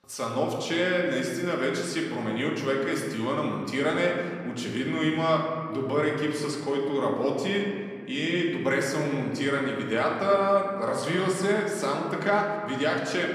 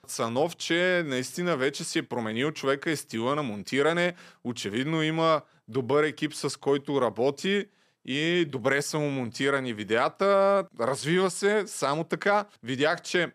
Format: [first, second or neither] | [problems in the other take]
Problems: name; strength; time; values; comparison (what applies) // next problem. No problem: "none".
second | room echo; noticeable; dies away in 2 s // off-mic speech; somewhat distant